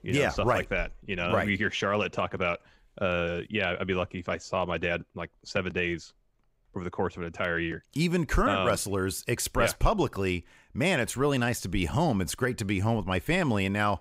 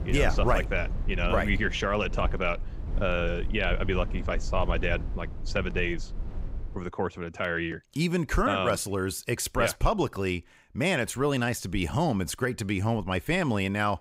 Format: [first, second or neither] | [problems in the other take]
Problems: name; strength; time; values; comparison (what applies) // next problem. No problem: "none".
first | low rumble; noticeable; until 7 s; 20 dB below the speech